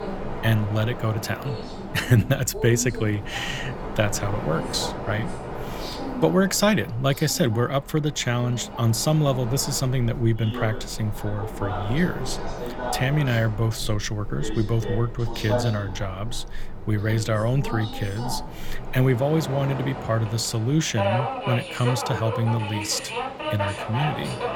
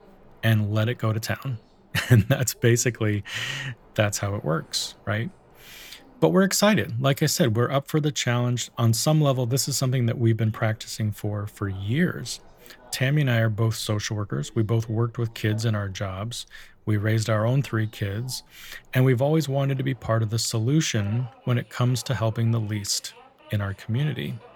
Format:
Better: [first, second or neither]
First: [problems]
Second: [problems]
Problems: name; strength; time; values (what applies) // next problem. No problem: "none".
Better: second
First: train or aircraft noise; loud; throughout; 8 dB below the speech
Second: train or aircraft noise; faint; throughout; 30 dB below the speech